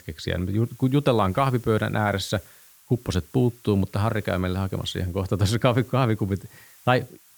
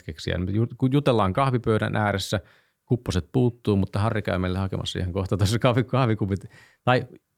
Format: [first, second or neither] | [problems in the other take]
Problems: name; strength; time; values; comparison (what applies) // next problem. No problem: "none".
second | hiss; faint; throughout; 25 dB below the speech